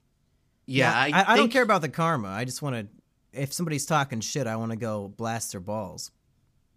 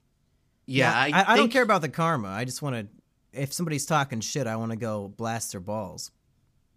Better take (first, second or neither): neither